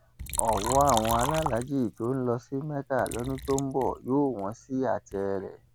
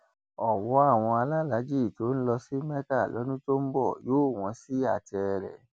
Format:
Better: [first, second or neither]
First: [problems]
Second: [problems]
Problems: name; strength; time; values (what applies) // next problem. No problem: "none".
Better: second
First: background sound (Liquid); 9 dB below the speech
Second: none